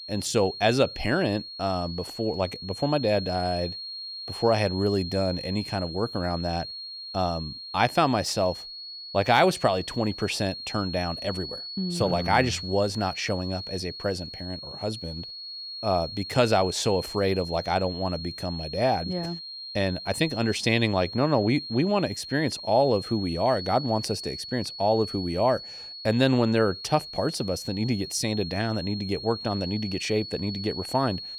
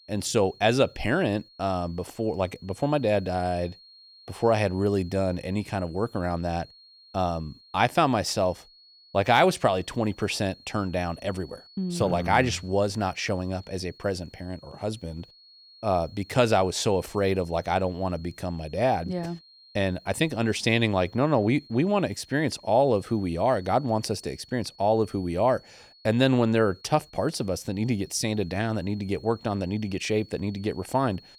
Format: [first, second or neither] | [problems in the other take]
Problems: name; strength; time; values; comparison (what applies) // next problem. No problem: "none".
second | high-pitched whine; loud; throughout; 4.5 kHz, 9 dB below the speech; faint in the second